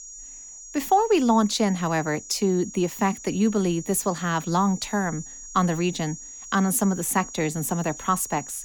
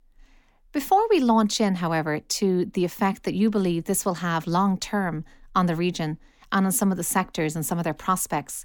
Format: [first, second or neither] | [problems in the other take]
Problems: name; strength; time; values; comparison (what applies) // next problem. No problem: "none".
second | high-pitched whine; noticeable; throughout; 7 kHz, 15 dB below the speech